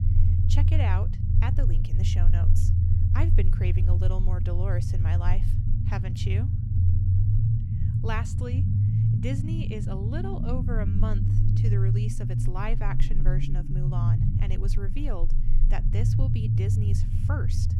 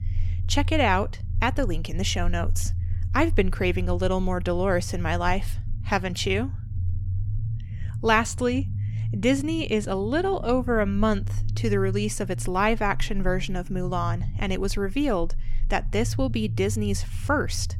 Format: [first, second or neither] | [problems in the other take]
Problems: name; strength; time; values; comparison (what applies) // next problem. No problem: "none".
second | low rumble; loud; throughout; as loud as the speech; faint in the second